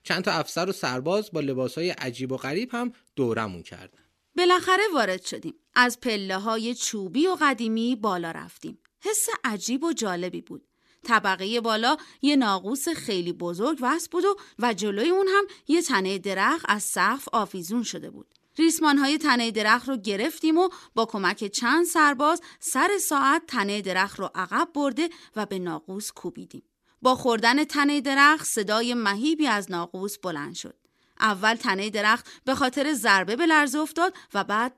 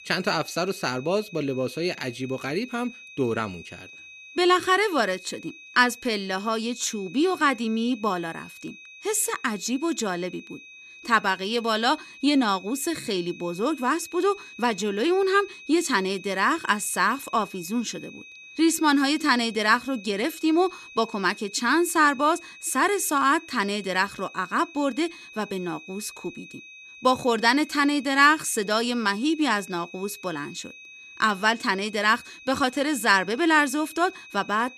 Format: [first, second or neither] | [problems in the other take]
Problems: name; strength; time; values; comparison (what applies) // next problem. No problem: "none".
first | high-pitched whine; noticeable; throughout; 2.5 kHz, 20 dB below the speech